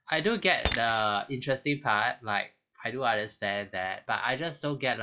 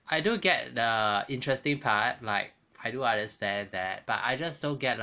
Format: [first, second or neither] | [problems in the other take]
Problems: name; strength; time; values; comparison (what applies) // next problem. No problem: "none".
second | noise reduction (classical method log-MMSE)